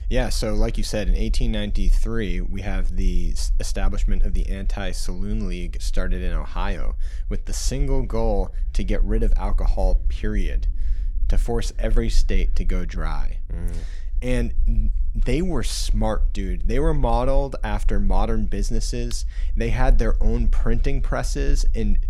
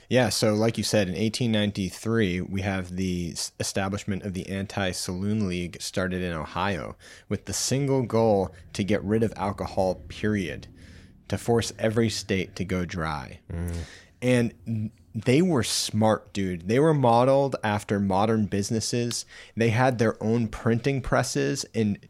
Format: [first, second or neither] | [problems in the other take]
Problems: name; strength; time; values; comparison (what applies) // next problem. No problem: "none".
second | low rumble; faint; throughout; 25 dB below the speech